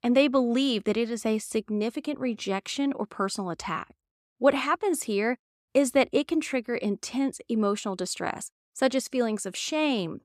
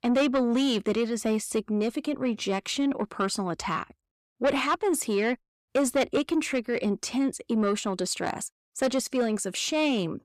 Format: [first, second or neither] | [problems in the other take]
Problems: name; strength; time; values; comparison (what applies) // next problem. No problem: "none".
first | distortion; slight; 10 dB below the speech